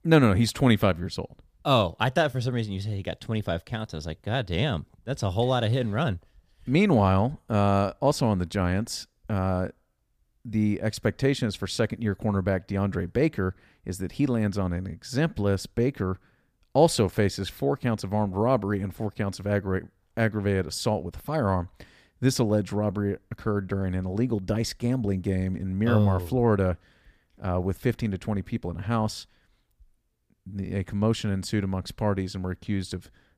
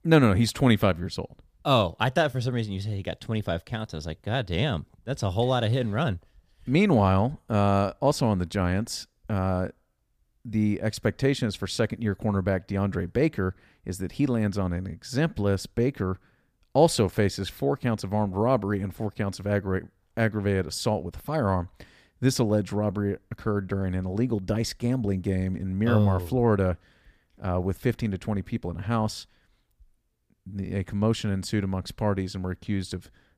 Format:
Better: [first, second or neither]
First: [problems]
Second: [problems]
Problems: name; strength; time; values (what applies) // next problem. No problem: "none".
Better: neither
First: none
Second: none